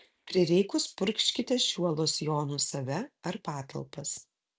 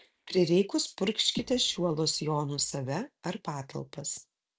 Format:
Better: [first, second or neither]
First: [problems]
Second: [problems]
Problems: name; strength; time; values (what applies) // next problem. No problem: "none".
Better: first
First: none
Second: noise reduction (neural separator model SepFormer DNS4)